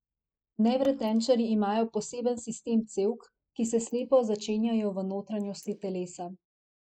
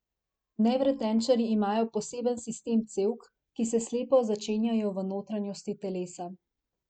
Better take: second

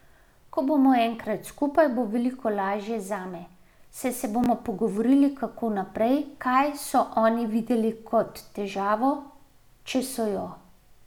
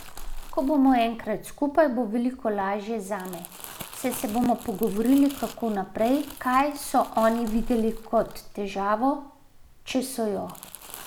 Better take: first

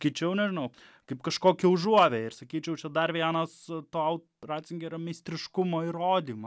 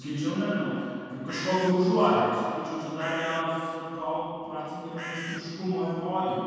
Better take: first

